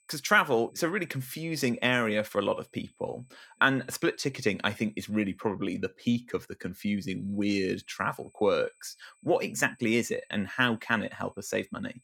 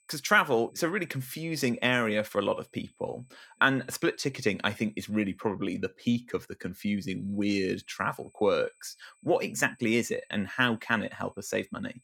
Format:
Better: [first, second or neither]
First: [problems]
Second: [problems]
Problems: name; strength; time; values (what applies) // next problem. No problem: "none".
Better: neither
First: high-pitched whine; faint; until 5.5 s and from 7 s on; 8 kHz, 35 dB below the speech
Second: high-pitched whine; faint; until 5.5 s and from 7 s on; 8 kHz, 35 dB below the speech